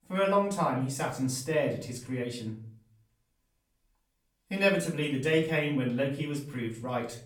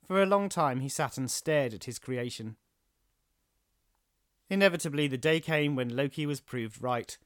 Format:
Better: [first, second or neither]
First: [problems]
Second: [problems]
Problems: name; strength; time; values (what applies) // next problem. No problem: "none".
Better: second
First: room echo; slight; dies away in 0.5 s // off-mic speech; far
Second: none